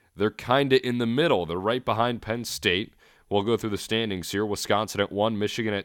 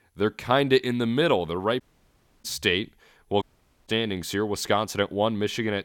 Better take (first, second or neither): first